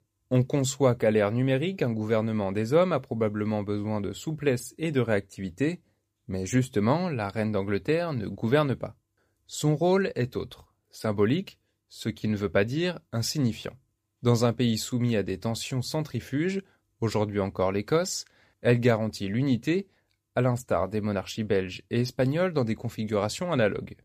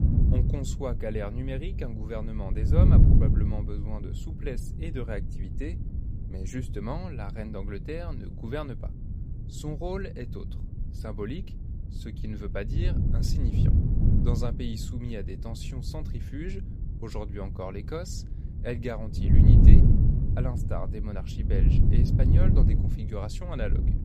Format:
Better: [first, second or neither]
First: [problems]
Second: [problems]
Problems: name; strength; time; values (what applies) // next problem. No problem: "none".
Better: first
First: none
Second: wind noise on the microphone; heavy; as loud as the speech